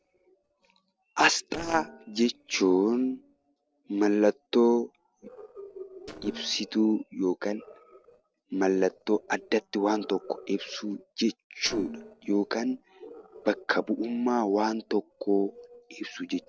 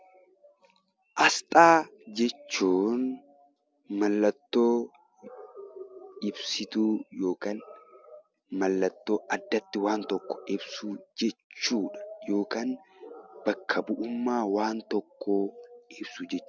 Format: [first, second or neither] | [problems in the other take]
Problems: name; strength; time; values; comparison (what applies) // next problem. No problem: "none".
second | noise reduction (neural separator model SepFormer DNS4)